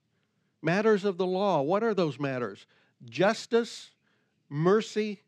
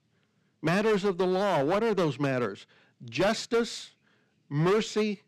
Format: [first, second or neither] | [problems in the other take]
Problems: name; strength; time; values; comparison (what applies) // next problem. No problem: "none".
first | distortion; heavy; 11% of the sound clipped